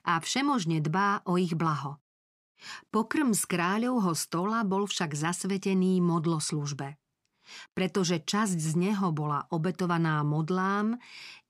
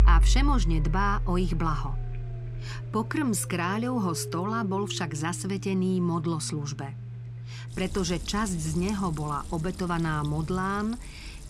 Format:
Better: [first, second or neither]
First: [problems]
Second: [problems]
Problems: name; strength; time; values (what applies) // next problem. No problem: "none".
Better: first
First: none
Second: household noises; loud; throughout; 5 dB below the speech